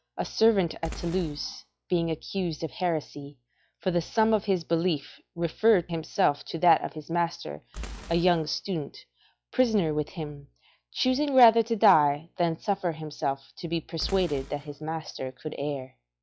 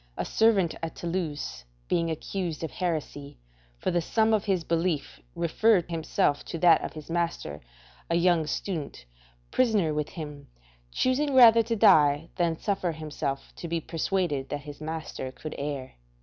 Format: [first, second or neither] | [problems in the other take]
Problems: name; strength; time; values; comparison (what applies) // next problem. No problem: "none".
second | noise reduction (classical method log-MMSE)